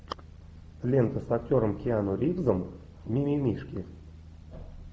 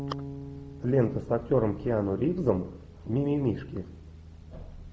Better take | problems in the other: first | background sound (Bass guitar); 16 dB below the speech

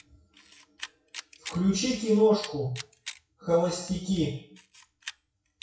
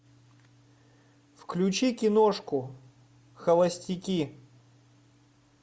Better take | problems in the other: second | noise reduction (classical method WPE with log-MMSE)

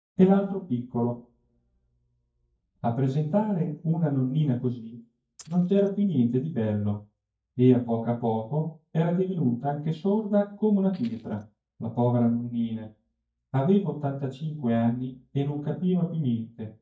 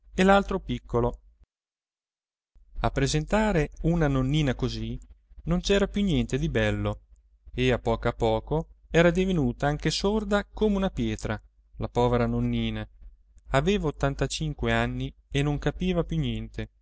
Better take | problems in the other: second | noise reduction (neural mask model DeepFilterNet 3)

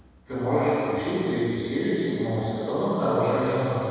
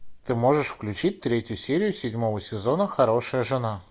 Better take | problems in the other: second | room echo; dies away in 2.1 s

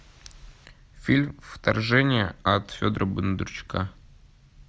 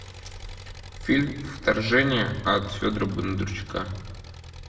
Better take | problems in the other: first | background sound (Engine); 16 dB below the speech // room echo; dies away in 0.9 s

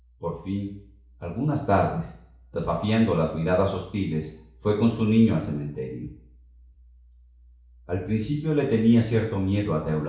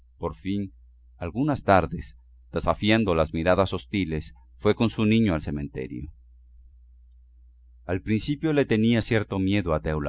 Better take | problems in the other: second | room echo; dies away in 0.6 s

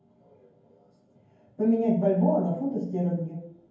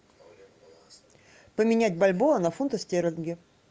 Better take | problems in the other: second | room echo; dies away in 0.9 s

